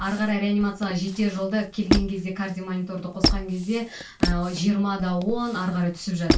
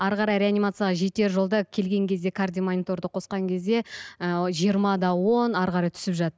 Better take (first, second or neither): second